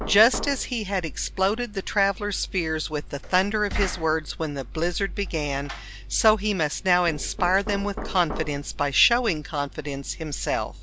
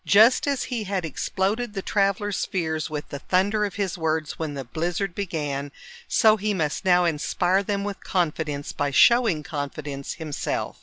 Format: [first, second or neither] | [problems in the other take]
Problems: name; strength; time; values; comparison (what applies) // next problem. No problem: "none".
second | background sound (Knock); 10 dB below the speech